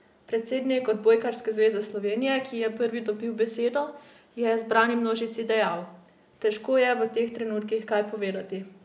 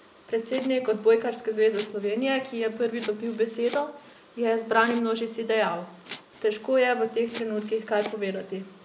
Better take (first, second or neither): first